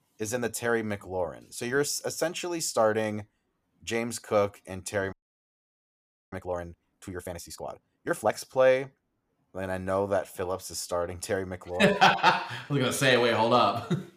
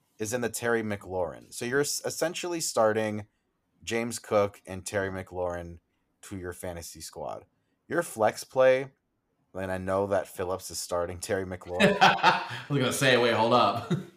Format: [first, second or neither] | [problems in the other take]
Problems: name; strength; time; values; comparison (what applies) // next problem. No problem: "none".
second | audio freezing; at 5 s for 1 s